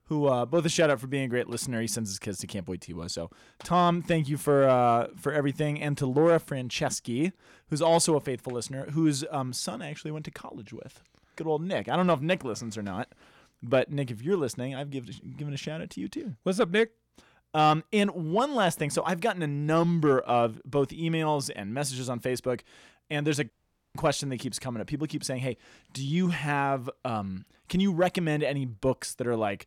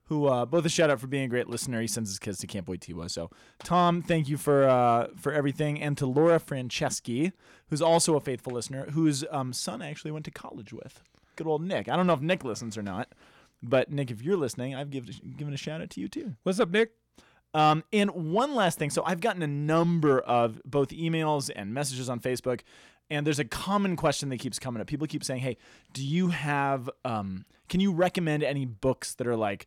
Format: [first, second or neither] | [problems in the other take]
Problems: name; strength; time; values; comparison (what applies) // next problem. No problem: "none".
second | audio cutting out; at 24 s